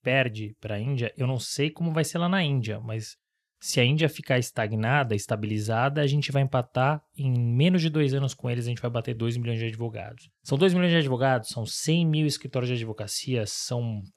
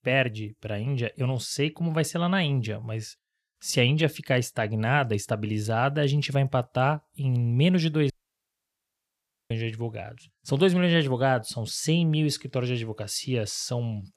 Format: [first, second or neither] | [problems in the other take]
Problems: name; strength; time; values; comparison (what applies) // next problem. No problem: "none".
first | audio cutting out; at 8 s for 1.5 s